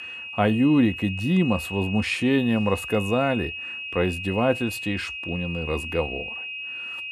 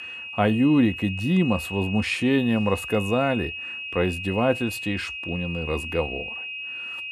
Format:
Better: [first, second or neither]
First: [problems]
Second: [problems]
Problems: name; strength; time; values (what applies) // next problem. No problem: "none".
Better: neither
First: high-pitched whine; loud; throughout; 2.5 kHz, 7 dB below the speech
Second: high-pitched whine; loud; throughout; 2.5 kHz, 7 dB below the speech